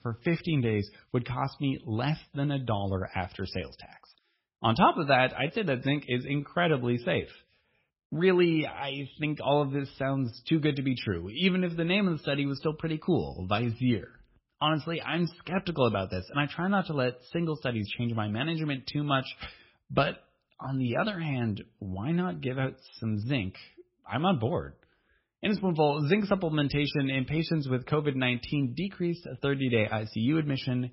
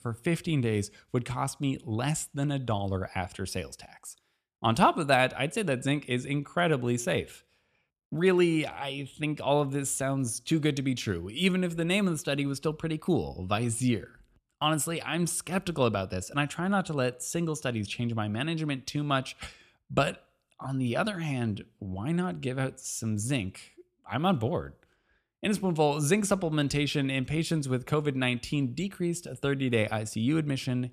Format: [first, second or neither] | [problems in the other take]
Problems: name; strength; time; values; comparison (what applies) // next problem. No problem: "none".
second | garbled, watery; badly; nothing above 5.5 kHz